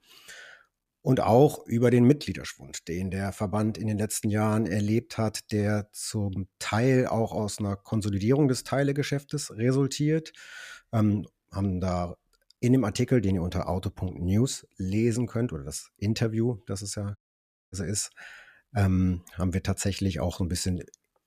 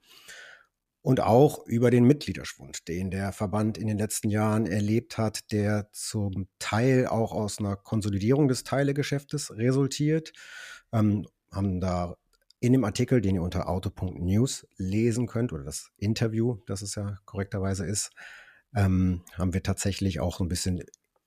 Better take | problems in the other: second | audio cutting out; at 17 s for 0.5 s

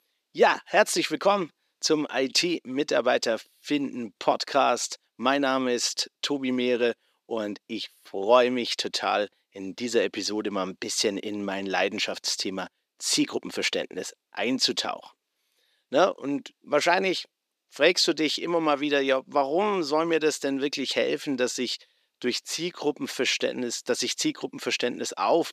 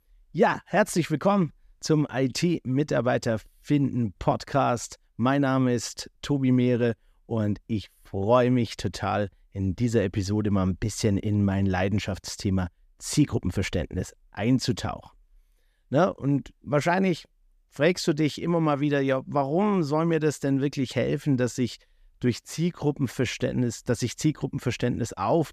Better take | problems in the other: second | thin; somewhat; fading below 300 Hz

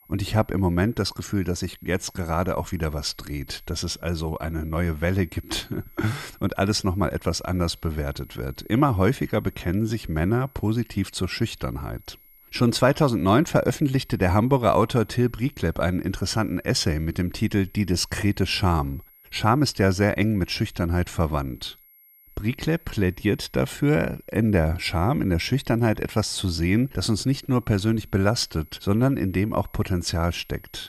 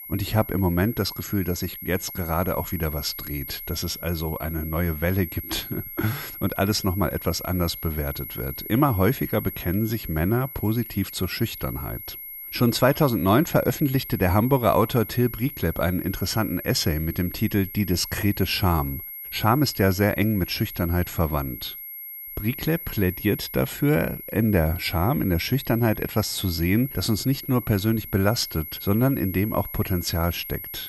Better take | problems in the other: first | high-pitched whine; loud; throughout; 11.5 kHz, 10 dB below the speech; faint in the first

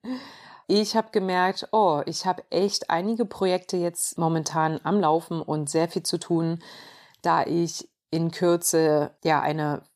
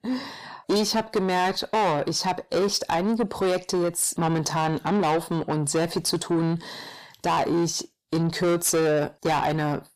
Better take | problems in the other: first | distortion; heavy; 7 dB below the speech

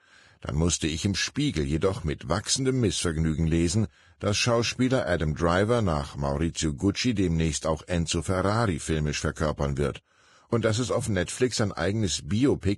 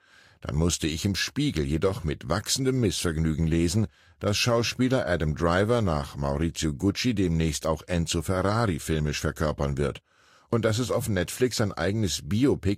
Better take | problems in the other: second | garbled, watery; badly; nothing above 10 kHz; slightly in the second

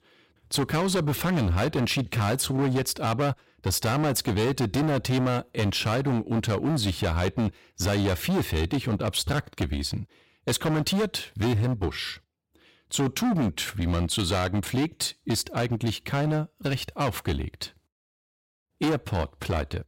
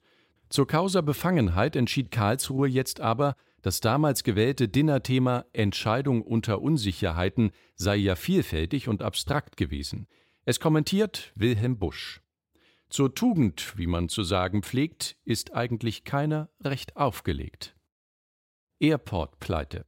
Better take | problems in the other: second | distortion; heavy; 18% of the sound clipped

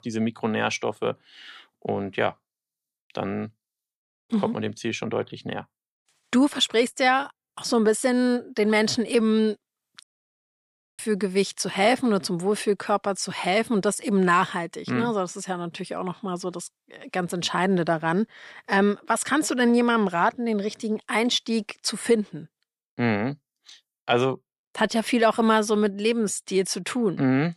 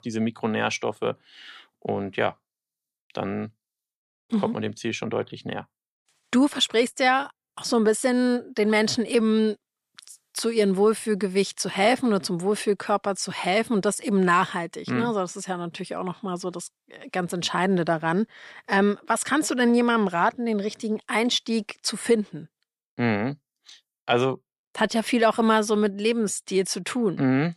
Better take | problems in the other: second | audio cutting out; at 10 s for 1 s

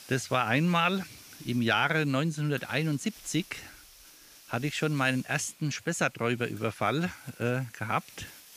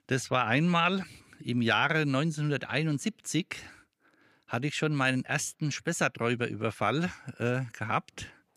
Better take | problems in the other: second | hiss; faint; throughout; 20 dB below the speech

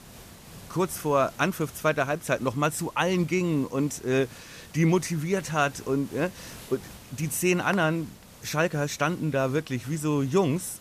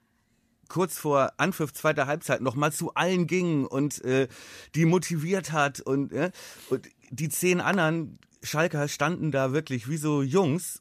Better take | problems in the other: second | hiss; faint; throughout; 20 dB below the speech

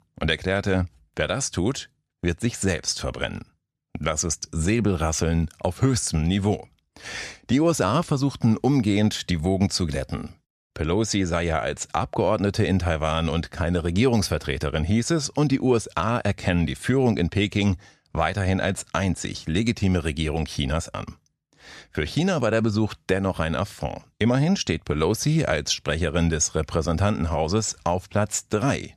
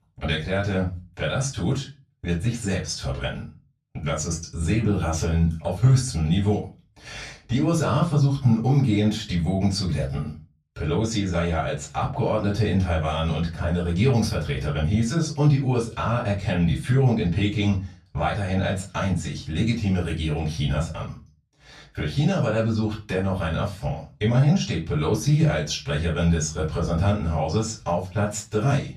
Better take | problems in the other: first | off-mic speech; far // room echo; slight; dies away in 0.3 s

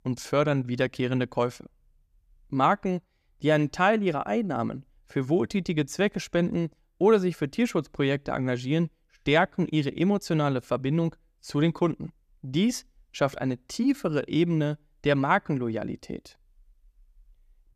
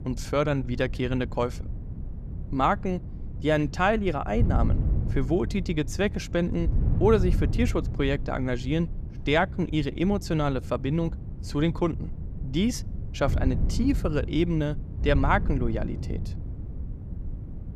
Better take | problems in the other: first | wind noise on the microphone; occasional gusts; 15 dB below the speech

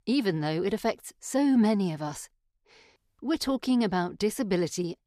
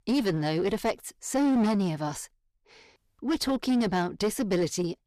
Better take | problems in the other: first | distortion; slight; 12% of the sound clipped

